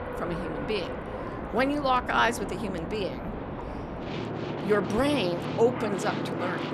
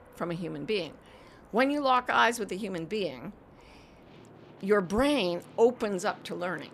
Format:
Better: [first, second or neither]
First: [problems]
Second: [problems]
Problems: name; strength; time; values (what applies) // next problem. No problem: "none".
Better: second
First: train or aircraft noise; loud; throughout; 6 dB below the speech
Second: train or aircraft noise; faint; throughout; 25 dB below the speech